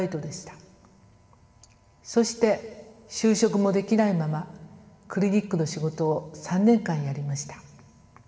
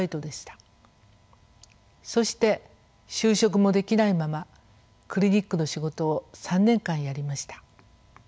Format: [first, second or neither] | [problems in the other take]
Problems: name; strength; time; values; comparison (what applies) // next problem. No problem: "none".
second | room echo; dies away in 1.8 s